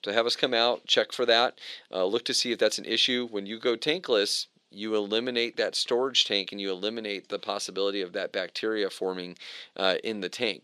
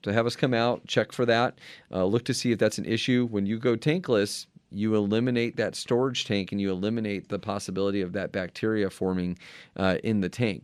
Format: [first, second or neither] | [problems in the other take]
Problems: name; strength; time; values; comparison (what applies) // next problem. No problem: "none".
second | thin; somewhat; fading below 450 Hz